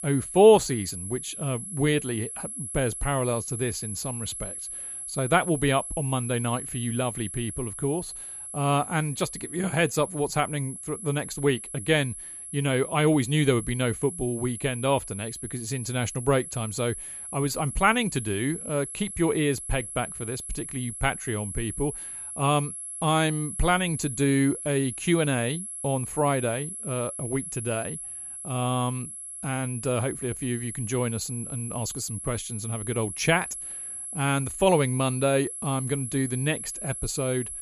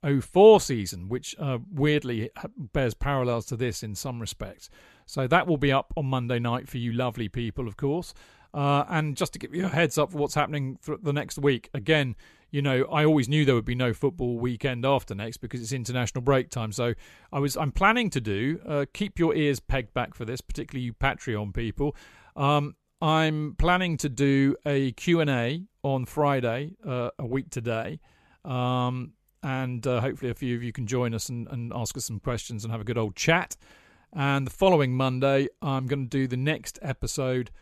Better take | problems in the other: second | high-pitched whine; loud; throughout; 11 kHz, 7 dB below the speech

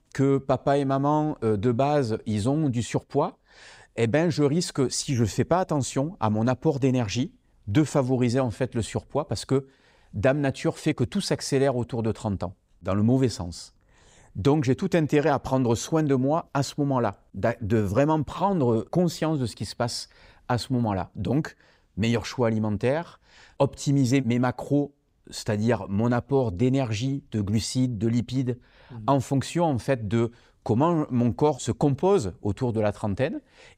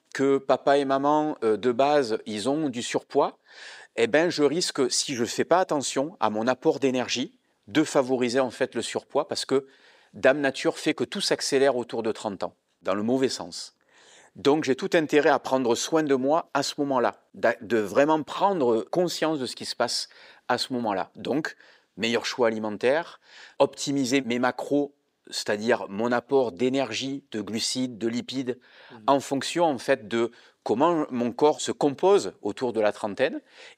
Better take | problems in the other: first | thin; somewhat; fading below 350 Hz

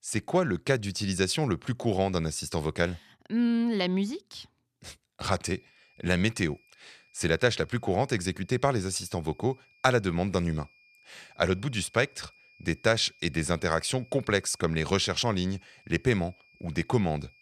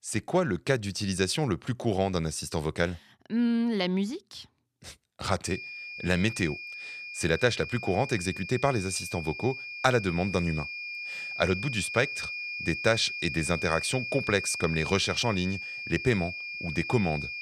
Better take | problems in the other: first | high-pitched whine; loud; from 5.5 s on; 2.5 kHz, 6 dB below the speech; faint in the first

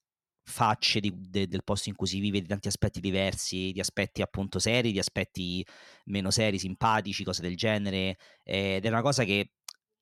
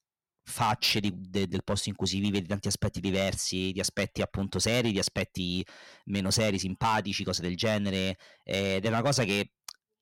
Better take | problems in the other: first | distortion; slight; 4% of the sound clipped

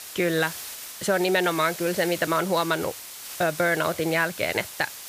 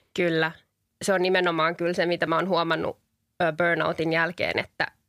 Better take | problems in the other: second | hiss; noticeable; throughout; 10 dB below the speech

